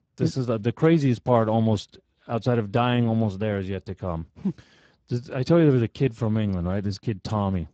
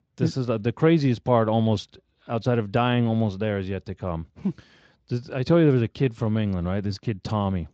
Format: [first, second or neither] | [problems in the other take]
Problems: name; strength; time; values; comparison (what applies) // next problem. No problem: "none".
second | garbled, watery; badly; nothing above 7.5 kHz; slightly in the second